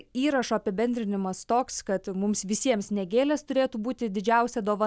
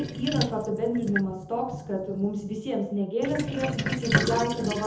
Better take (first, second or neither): first